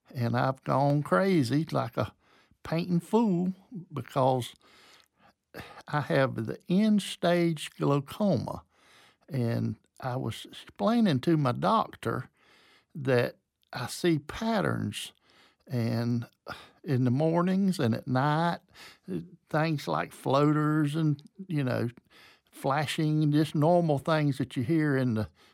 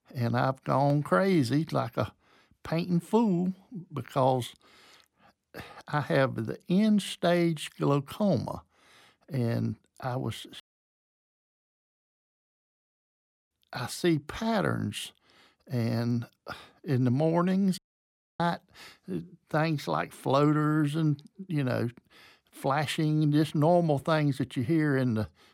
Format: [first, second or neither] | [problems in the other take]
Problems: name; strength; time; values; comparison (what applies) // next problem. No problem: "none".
first | audio cutting out; at 11 s for 3 s and at 18 s for 0.5 s